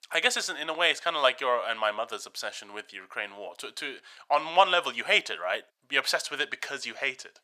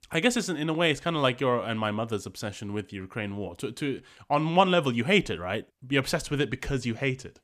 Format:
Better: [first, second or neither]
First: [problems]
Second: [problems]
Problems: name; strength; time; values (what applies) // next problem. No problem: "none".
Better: second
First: thin; very; fading below 800 Hz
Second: none